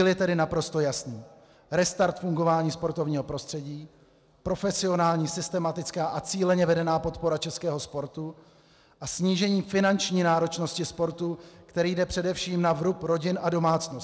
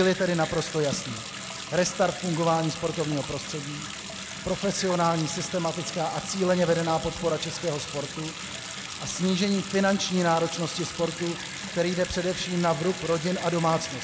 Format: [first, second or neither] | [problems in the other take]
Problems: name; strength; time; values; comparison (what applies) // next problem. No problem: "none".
first | background sound (Bathtub (filling or washing) / Sink (filling or washing) / Water tap, faucet); 9 dB below the speech